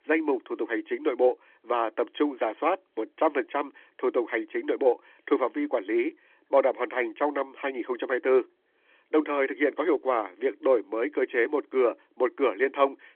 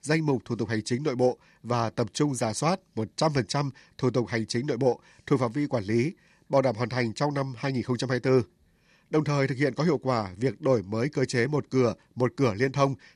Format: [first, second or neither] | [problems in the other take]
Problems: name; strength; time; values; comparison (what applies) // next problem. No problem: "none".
second | phone-call audio